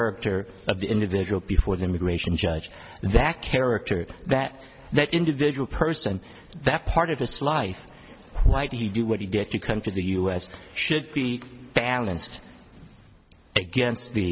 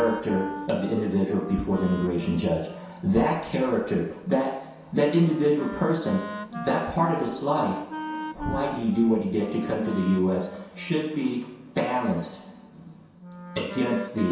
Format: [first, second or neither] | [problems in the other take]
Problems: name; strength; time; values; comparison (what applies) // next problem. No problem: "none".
first | background sound (Wind instrument, woodwind instrument); 12 dB below the speech // room echo; dies away in 0.7 s